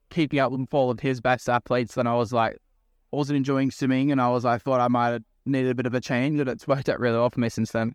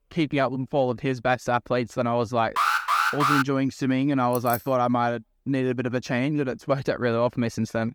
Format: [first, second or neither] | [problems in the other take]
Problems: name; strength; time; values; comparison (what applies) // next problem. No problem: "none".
first | alarm; loud; at 2.5 s; peak 3 dB above the speech // jangling keys; noticeable; at 4.5 s; peak 9 dB below the speech